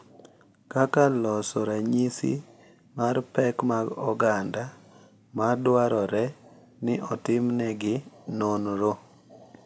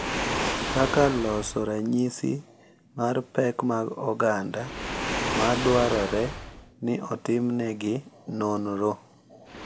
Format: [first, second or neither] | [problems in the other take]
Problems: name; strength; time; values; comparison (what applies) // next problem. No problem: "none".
first | background sound (Waves, surf); 6 dB below the speech